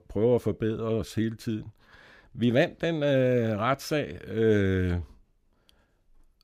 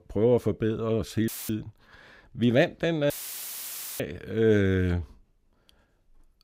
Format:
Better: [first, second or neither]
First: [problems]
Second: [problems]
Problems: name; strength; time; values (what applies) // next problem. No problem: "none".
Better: first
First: none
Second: audio cutting out; filled with static; at 1.5 s and at 3 s for 1 s